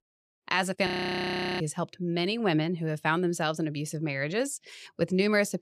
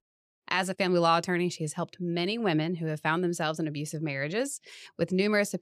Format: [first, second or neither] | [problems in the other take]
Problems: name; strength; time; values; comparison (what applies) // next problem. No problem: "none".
second | audio freezing; at 1 s for 0.5 s